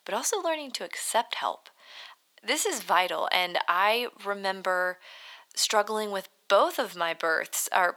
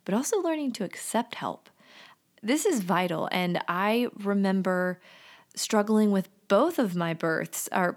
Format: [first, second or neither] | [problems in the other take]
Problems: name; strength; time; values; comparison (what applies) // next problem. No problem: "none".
second | thin; very; fading below 750 Hz